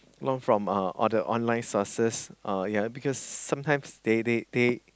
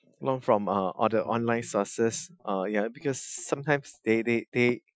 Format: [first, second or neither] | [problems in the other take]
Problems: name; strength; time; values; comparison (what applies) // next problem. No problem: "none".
first | noise reduction (classical method Wiener filter)